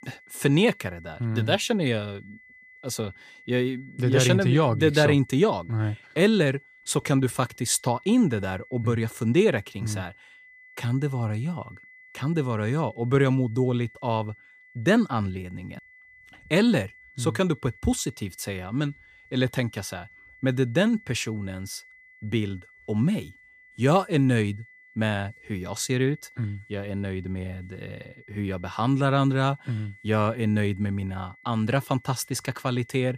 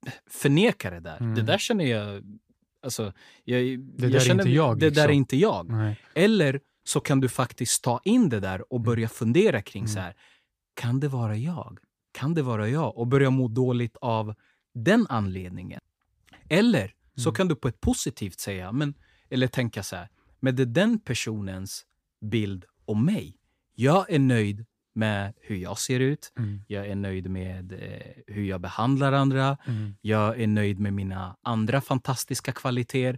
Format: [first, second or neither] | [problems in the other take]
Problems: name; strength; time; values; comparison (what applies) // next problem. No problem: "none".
second | high-pitched whine; faint; throughout; 2 kHz, 25 dB below the speech